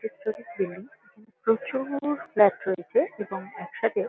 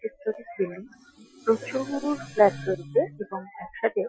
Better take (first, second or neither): first